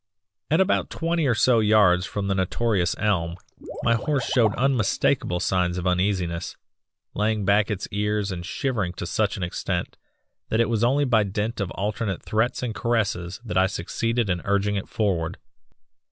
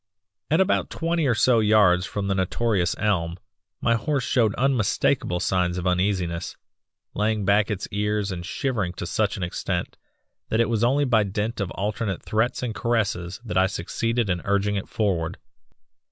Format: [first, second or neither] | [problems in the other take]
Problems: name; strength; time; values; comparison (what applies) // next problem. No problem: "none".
second | background sound (Liquid); 14 dB below the speech